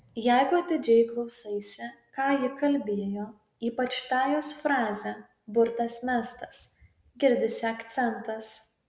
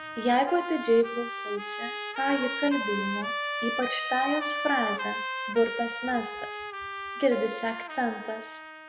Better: first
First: none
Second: background sound (Trumpet); 5 dB below the speech

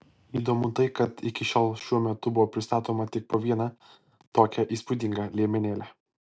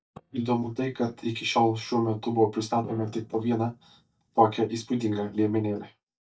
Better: first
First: none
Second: noise reduction (neural mask model DeepFilterNet 3)

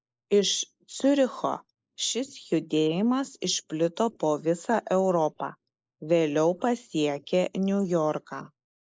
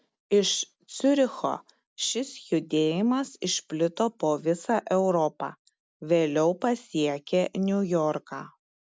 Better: second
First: noise reduction (neural mask model Resemble Enhance denoiser)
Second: none

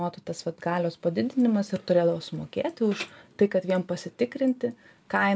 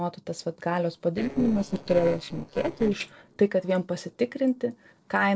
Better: first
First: none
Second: noise reduction (neural separator model SepFormer DNS4)

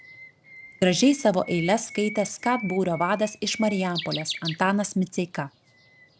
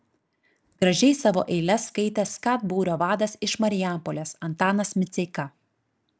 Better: second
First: background sound (Bird); 14 dB below the speech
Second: none

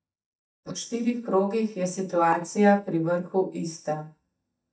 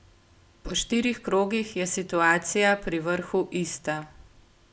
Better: second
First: noise reduction (neural mask model DeepFilterNet 3)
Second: none

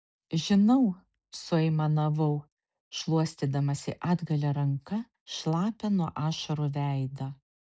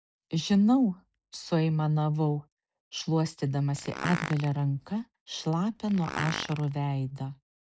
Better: first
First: none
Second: background sound (Fart); 10 dB below the speech

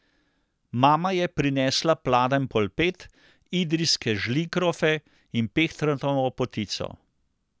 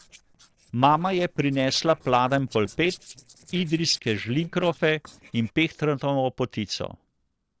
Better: first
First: none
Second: noise reduction (neural separator model SepFormer DNS4)

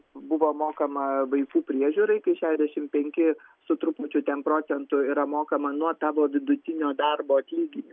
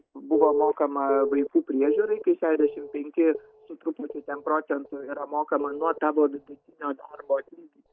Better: first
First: none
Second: noise reduction (neural mask model DeepFilterNet 3)

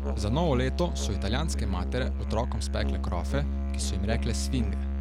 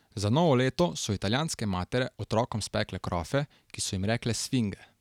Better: second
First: background sound (Musical instrument); 3 dB above the speech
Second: none

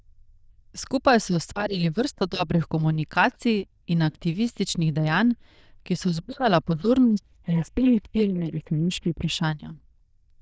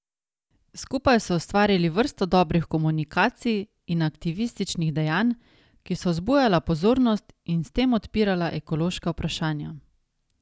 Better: second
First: noise reduction (neural diffusion model UNIVERSE++)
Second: none

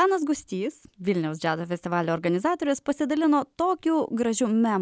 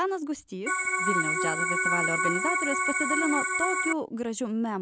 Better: first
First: none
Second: background sound (Organ); 4 dB above the speech

